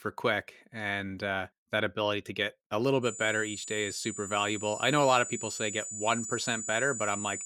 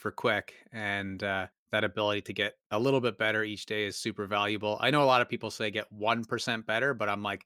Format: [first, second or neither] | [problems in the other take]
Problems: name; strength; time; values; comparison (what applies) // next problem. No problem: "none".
second | high-pitched whine; loud; from 3 s on; 7 kHz, 7 dB below the speech